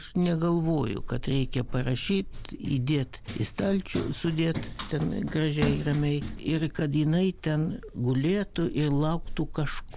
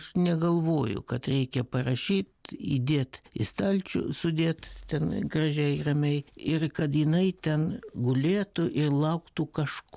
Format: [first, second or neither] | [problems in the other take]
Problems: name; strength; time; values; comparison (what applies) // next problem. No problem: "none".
second | background sound (Tambourine + Run); 9 dB below the speech